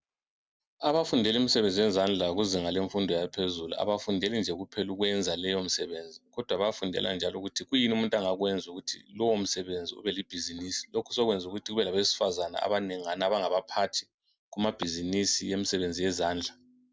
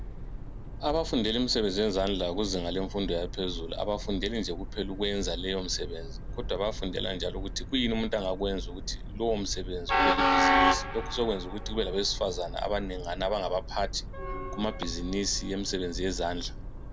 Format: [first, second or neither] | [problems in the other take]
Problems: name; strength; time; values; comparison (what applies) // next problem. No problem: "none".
first | background sound (Train); 1 dB below the speech